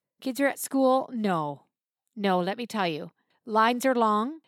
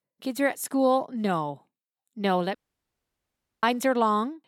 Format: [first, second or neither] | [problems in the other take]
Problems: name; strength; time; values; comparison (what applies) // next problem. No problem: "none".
first | audio cutting out; at 2.5 s for 1 s